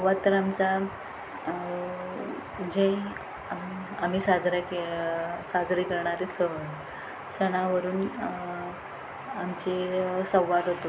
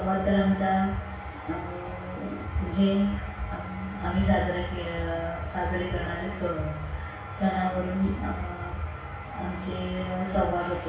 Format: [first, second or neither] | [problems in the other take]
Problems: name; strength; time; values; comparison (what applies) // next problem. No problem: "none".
first | room echo; dies away in 0.6 s